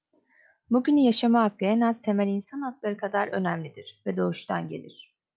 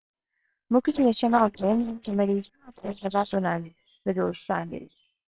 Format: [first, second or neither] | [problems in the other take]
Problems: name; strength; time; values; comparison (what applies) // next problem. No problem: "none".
first | noise reduction (neural separator model SepFormer WHAMR!)